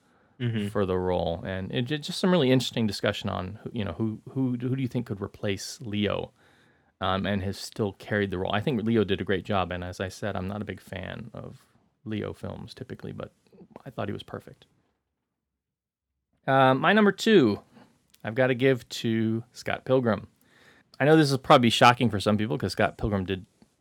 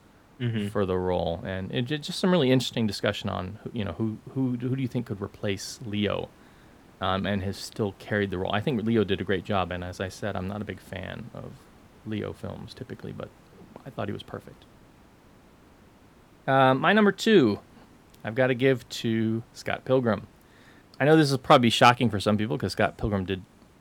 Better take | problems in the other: first | hiss; faint; throughout; 30 dB below the speech

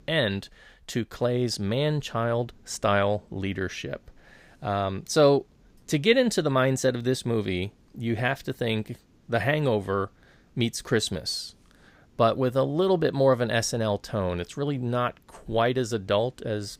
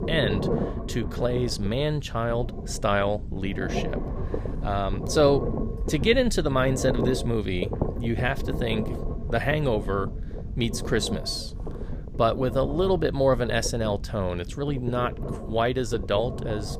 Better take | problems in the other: first | low rumble; loud; throughout; 10 dB below the speech

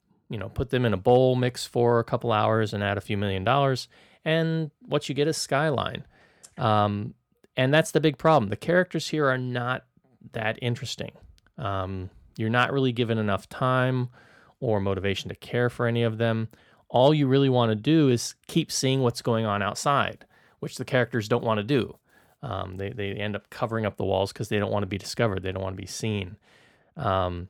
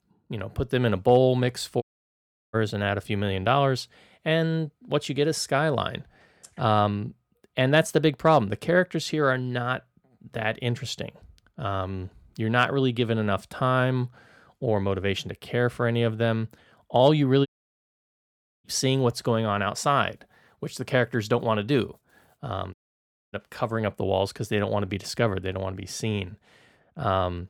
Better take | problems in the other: first | audio cutting out; at 2 s for 0.5 s, at 17 s for 1 s and at 23 s for 0.5 s

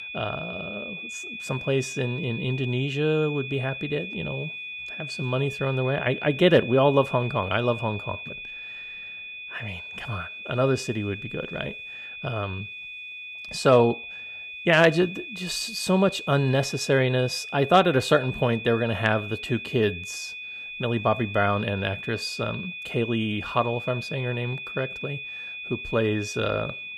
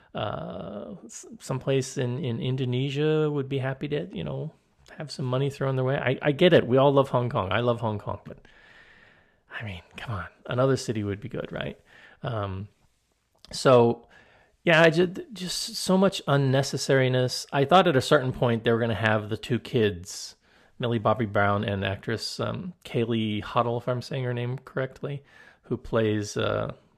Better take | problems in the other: second | high-pitched whine; loud; throughout; 2.5 kHz, 9 dB below the speech

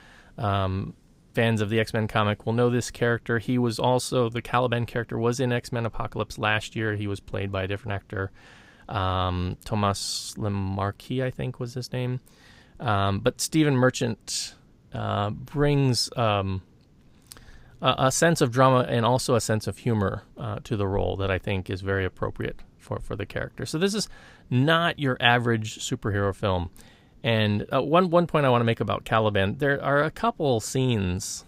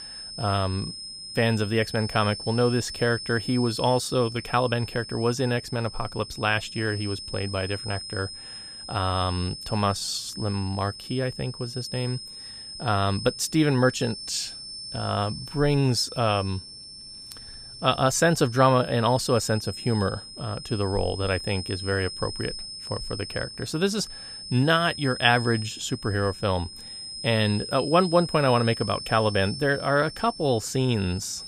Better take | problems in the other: first | high-pitched whine; noticeable; throughout; 5 kHz, 10 dB below the speech

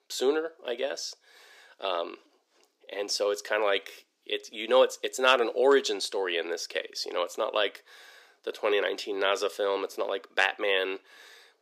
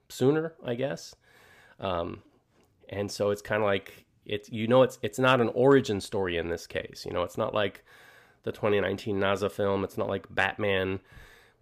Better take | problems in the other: second | thin; somewhat; fading below 350 Hz

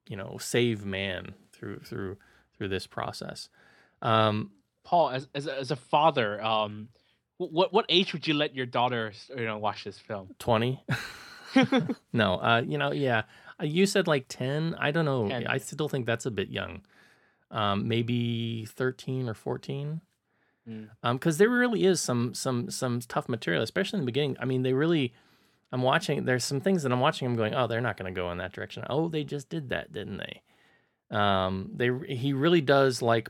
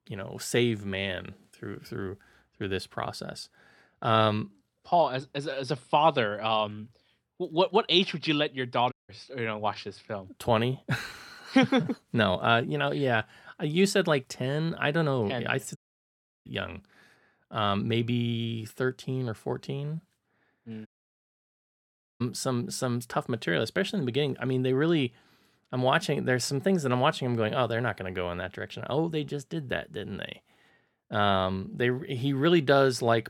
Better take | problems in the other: first | audio cutting out; at 9 s, at 16 s for 0.5 s and at 21 s for 1.5 s

